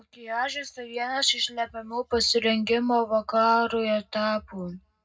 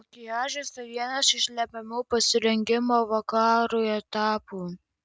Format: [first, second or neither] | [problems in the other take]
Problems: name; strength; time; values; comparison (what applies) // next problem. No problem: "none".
second | room echo; dies away in 0.3 s